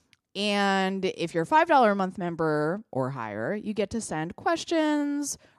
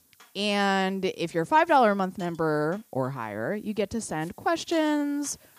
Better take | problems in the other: first | hiss; faint; throughout; 25 dB below the speech

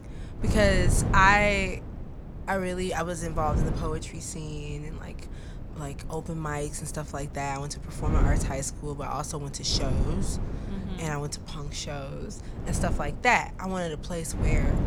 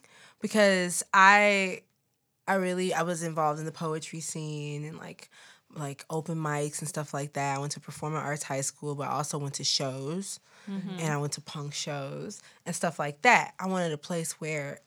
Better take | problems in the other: second | wind noise on the microphone; occasional gusts; 15 dB below the speech

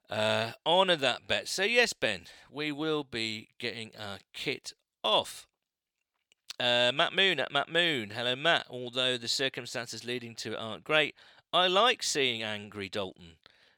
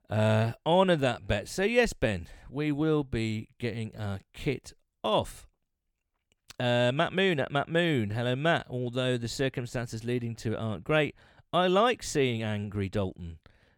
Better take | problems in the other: second | thin; somewhat; fading below 700 Hz

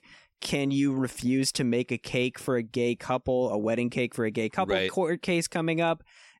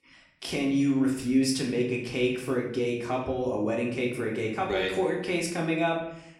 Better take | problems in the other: first | room echo; noticeable; dies away in 0.6 s // off-mic speech; far

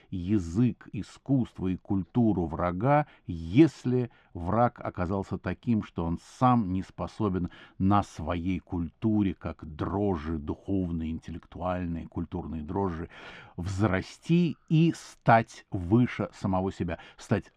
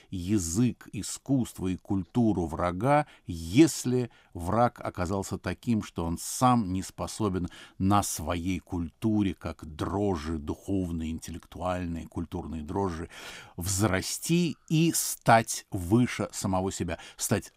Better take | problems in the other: second | muffled; very; fading above 2.5 kHz

